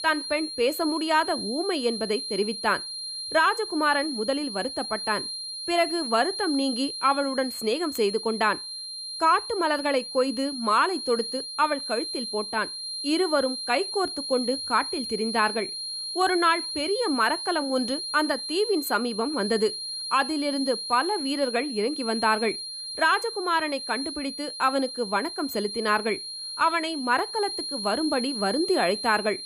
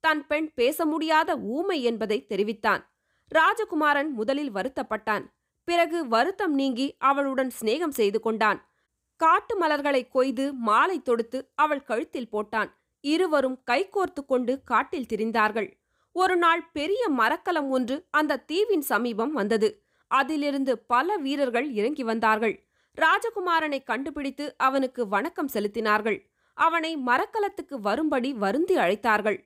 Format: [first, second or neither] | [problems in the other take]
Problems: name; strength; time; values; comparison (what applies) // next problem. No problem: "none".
second | high-pitched whine; loud; throughout; 4 kHz, 6 dB below the speech